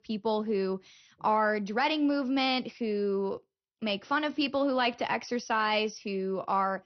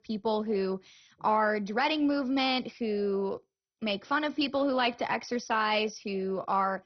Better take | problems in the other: first | garbled, watery; badly; nothing above 6 kHz; slightly in the first

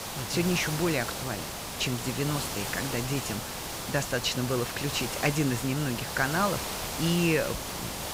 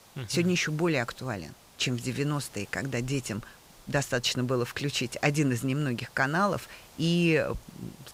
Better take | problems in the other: second | hiss; loud; throughout; 4 dB below the speech; faint in the second

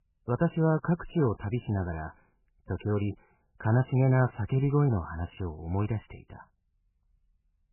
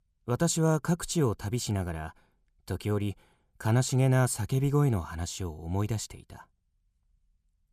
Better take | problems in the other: second | garbled, watery; badly; nothing above 3 kHz

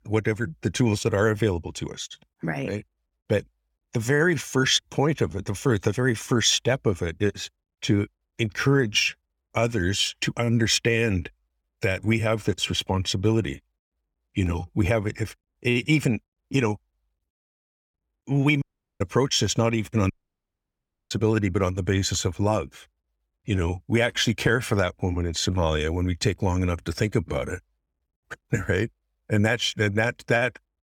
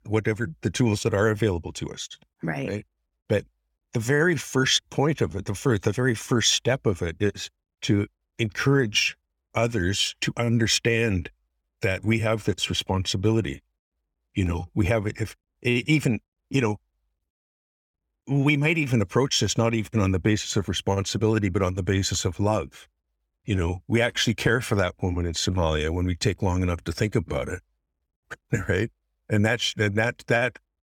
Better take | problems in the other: second | audio cutting out; at 19 s and at 20 s for 1 s

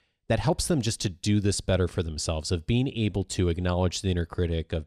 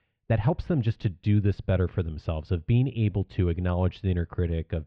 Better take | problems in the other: first | muffled; very; fading above 3 kHz

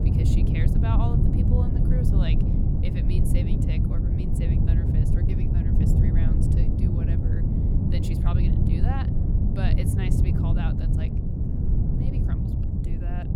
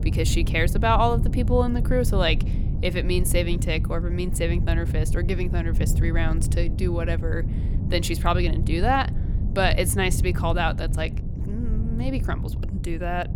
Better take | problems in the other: second | wind noise on the microphone; heavy; 5 dB above the speech; occasional gusts in the second

